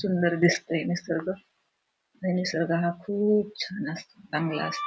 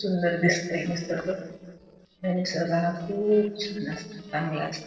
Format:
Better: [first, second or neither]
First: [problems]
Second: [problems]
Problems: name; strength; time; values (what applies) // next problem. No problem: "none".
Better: first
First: none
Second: noise reduction (neural separator model SepFormer DNS4)